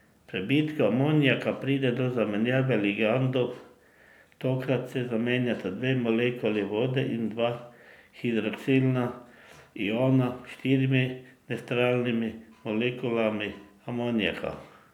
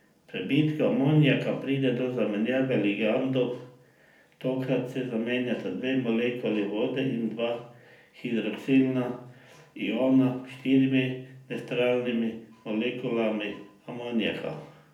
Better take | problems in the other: first | room echo; dies away in 0.4 s

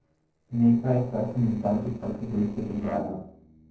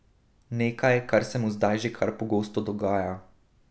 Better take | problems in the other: second | noise reduction (neural separator model SepFormer DNS4)

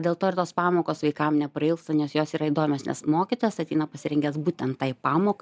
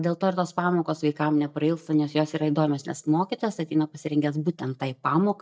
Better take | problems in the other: first | noise reduction (neural mask model DeepFilterNet 3)

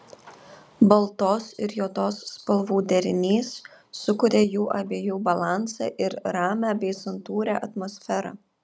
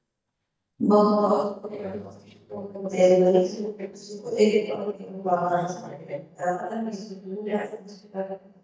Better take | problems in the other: first | noise reduction (neural mask model DeepFilterNet 3)

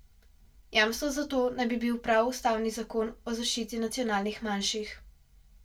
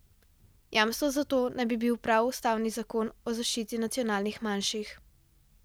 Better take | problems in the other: second | room echo; dies away in 0.2 s

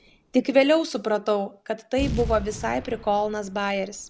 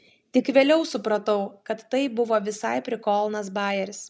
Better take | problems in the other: second | background sound (Boom); 12 dB below the speech

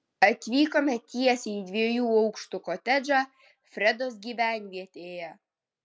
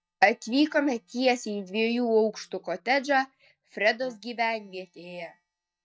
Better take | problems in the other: first | noise reduction (neural mask model DeepFilterNet 3)

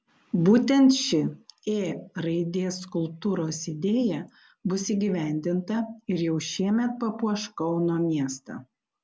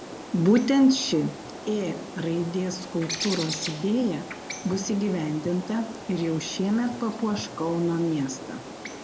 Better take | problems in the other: first | background sound (Bird); 11 dB below the speech

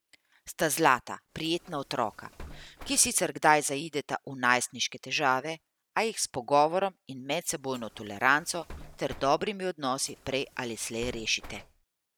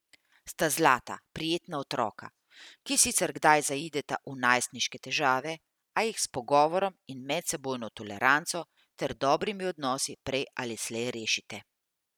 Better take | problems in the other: second | background sound (Bus); 19 dB below the speech

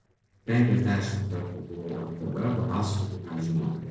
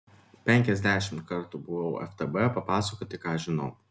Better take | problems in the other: second | noise reduction (neural separator model SepFormer DNS4)

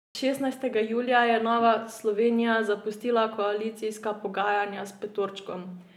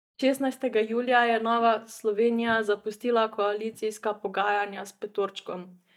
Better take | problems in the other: first | noise reduction (neural mask model DeepFilterNet 3)

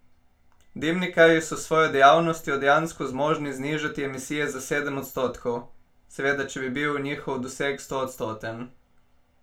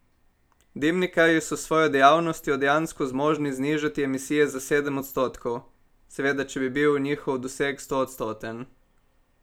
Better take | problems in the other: second | room echo; dies away in 0.2 s

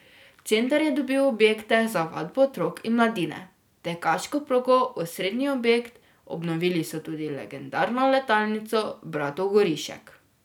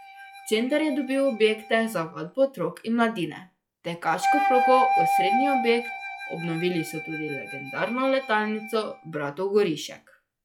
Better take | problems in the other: first | noise reduction (classical method log-MMSE)

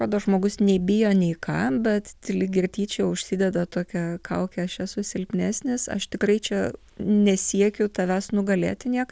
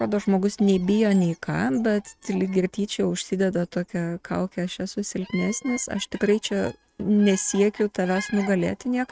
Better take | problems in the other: first | noise reduction (neural mask model RNNoise)

